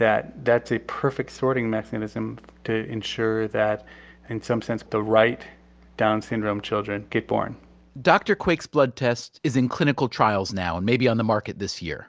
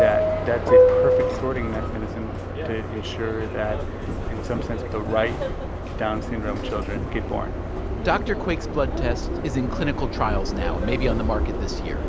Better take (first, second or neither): first